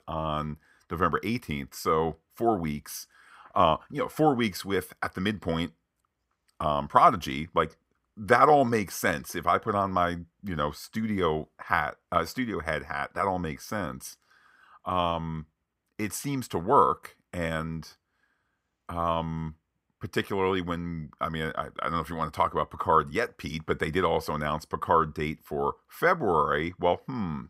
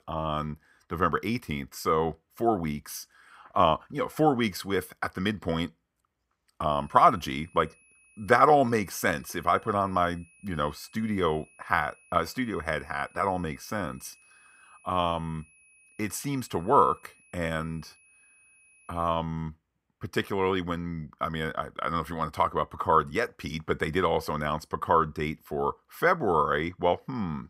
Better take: first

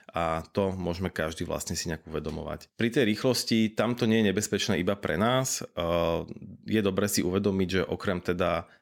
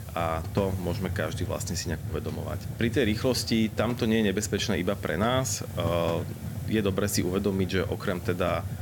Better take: first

